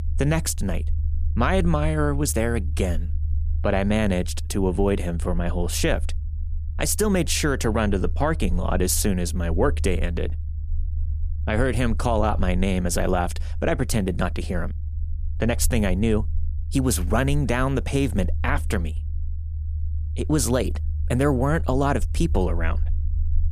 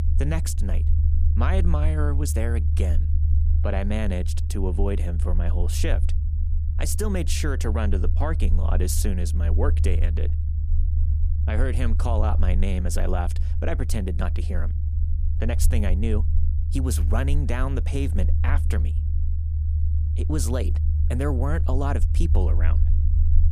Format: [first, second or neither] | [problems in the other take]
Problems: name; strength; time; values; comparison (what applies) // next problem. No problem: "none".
first | low rumble; loud; throughout; 9 dB below the speech; faint in the first